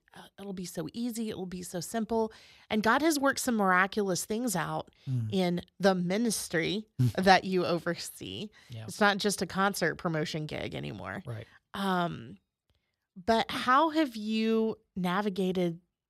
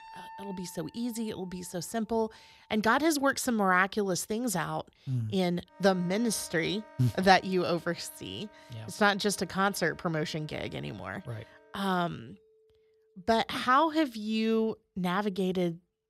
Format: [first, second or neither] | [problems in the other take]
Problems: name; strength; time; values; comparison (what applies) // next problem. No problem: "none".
first | background music; faint; throughout; 25 dB below the speech